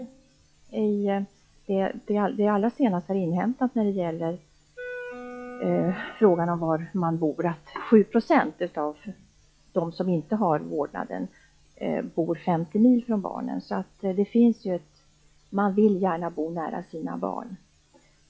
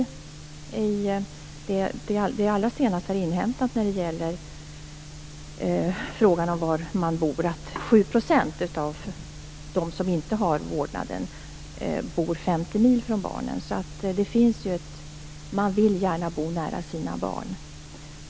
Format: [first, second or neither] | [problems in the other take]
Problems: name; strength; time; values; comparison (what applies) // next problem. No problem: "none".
second | noise reduction (classical method log-MMSE)